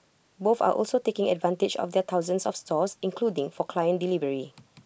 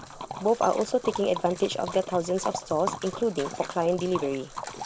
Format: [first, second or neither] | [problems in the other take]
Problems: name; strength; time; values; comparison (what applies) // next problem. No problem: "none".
first | background sound (Liquid); 10 dB below the speech